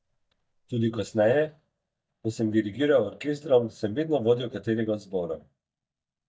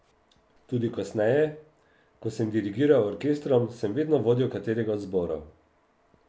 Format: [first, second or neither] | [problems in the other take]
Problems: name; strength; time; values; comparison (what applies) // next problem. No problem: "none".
second | noise reduction (neural mask model DeepFilterNet 3)